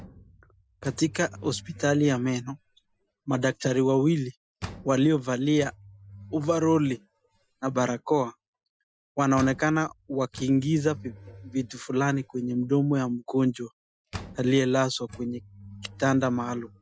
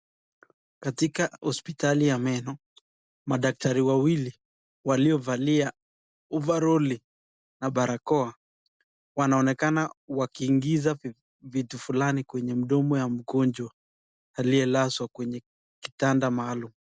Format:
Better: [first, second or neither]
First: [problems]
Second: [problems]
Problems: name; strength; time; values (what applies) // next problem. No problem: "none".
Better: second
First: noise reduction (classical method Wiener filter)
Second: none